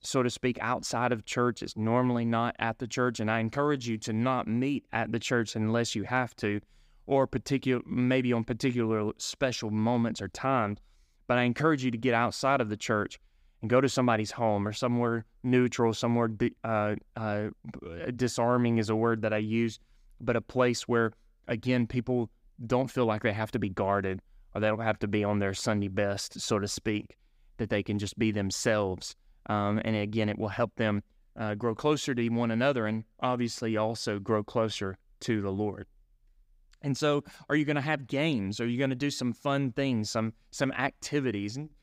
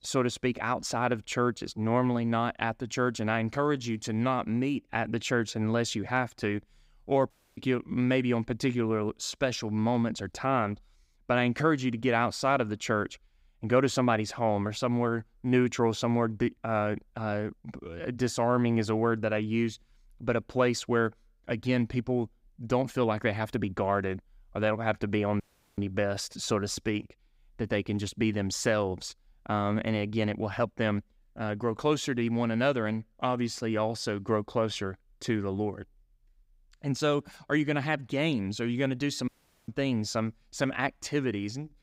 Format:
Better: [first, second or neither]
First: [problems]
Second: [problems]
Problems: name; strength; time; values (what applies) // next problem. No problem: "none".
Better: first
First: none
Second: audio cutting out; at 7.5 s, at 25 s and at 39 s